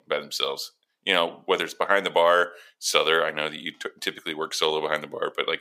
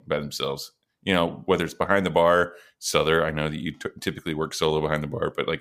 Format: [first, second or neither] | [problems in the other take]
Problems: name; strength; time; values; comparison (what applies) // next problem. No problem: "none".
second | thin; somewhat; fading below 400 Hz